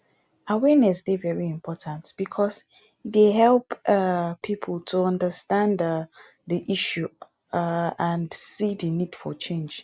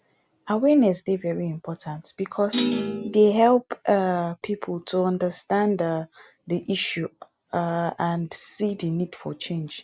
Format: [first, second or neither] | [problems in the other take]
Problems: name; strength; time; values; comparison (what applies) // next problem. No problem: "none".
first | background sound (Thump, thud); 2 dB below the speech